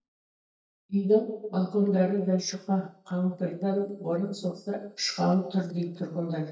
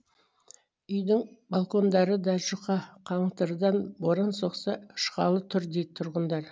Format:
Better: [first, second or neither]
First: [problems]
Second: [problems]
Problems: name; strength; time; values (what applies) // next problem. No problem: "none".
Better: second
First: noise reduction (neural mask model DeepFilterNet 3)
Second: none